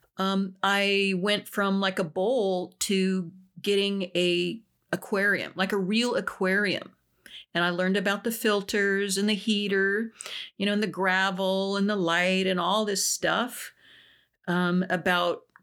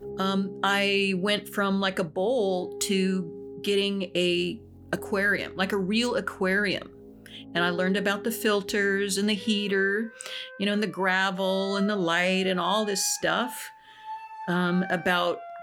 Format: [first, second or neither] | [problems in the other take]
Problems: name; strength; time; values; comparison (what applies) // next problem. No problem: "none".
first | background music; noticeable; throughout; 15 dB below the speech